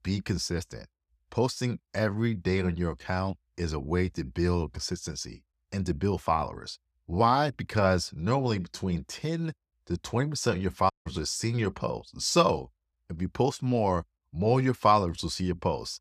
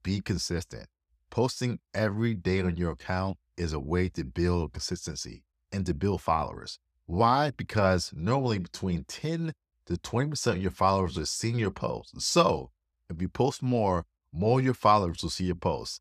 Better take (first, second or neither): second